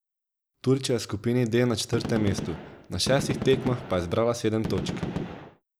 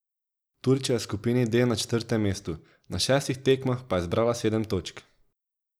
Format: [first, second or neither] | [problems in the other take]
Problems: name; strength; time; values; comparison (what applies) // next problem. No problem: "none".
second | background sound (Gunshot, gunfire); 6 dB below the speech